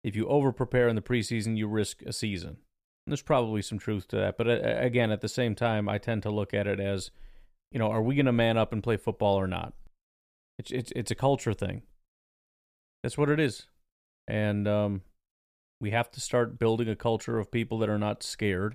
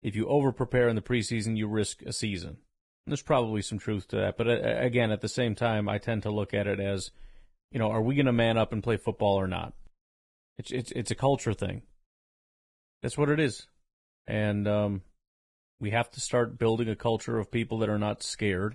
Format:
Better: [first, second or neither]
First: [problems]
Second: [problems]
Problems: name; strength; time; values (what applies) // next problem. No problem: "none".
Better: first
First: none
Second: garbled, watery; badly; nothing above 10 kHz